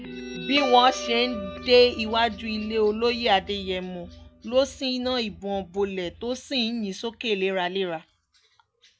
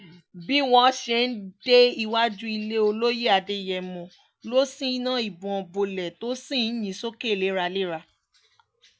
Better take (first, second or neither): second